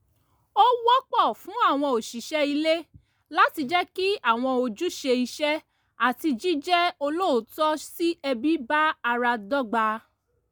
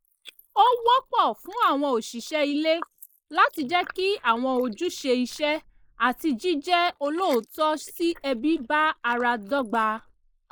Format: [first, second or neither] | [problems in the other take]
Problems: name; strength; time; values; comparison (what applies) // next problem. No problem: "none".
first | noise reduction (neural mask model Resemble Enhance denoiser)